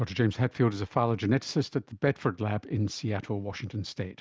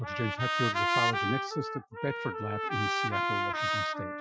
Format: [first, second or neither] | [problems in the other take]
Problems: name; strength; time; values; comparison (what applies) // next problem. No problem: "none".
first | noise reduction (classical method Wiener filter)